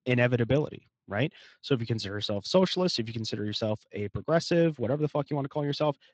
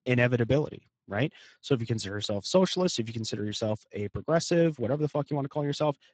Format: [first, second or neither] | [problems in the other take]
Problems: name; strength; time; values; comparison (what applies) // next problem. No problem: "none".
first | garbled, watery; badly; nothing above 7.5 kHz; slightly in the first